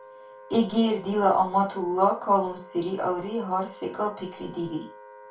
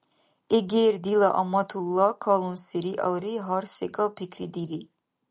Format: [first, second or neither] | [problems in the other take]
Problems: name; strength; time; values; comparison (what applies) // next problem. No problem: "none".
second | background sound (Wind instrument, woodwind instrument); 20 dB below the speech // room echo; dies away in 0.2 s